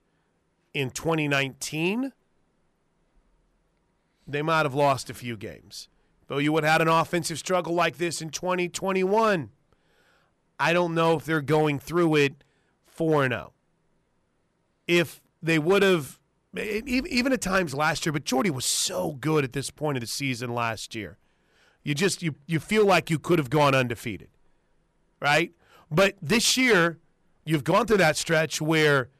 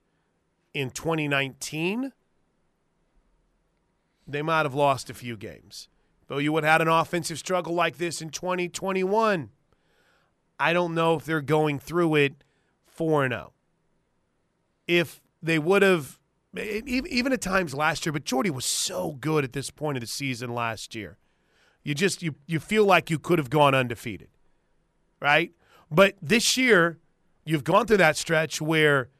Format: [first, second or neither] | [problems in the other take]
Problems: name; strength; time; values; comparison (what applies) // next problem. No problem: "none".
second | distortion; slight; 2% of the sound clipped